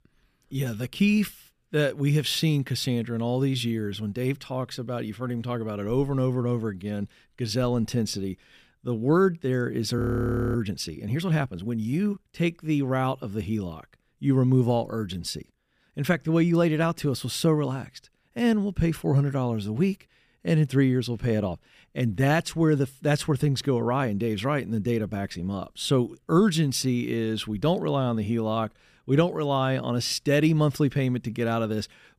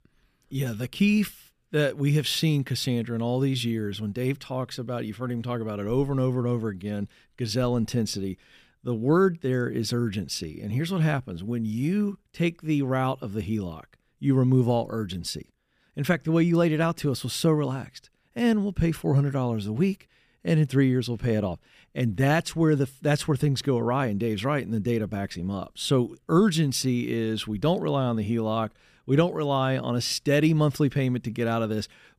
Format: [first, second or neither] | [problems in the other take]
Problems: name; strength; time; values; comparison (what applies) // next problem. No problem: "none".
second | audio freezing; at 10 s for 0.5 s